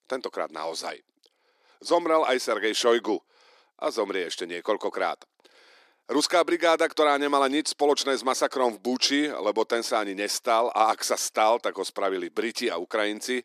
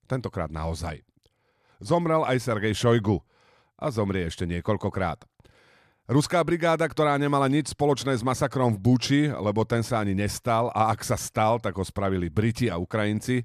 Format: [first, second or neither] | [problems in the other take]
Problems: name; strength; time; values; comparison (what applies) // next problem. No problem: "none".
second | thin; somewhat; fading below 300 Hz